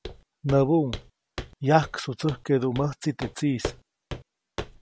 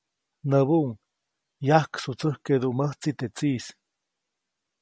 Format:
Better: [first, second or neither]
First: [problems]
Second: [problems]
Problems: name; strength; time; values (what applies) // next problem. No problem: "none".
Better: second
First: background sound (Walk, footsteps); 13 dB below the speech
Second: none